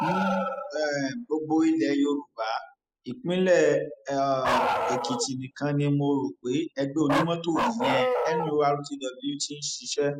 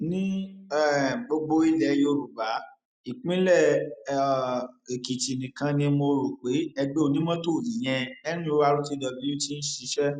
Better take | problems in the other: second | noise reduction (classical method spectral subtraction)

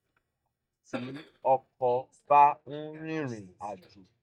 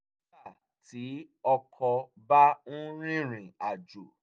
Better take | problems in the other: second | noise reduction (neural mask model DeepFilterNet 3)

